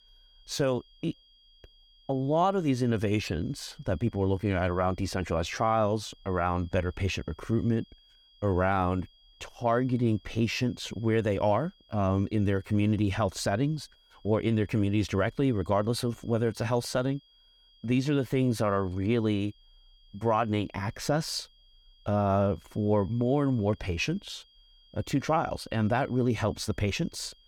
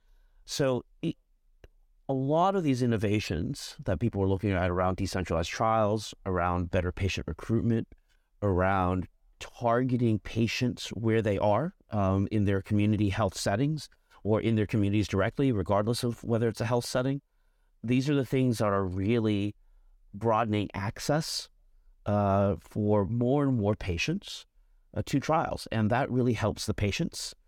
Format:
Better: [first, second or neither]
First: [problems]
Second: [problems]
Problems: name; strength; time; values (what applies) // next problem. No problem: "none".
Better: second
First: high-pitched whine; faint; throughout; 3.5 kHz, 30 dB below the speech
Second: none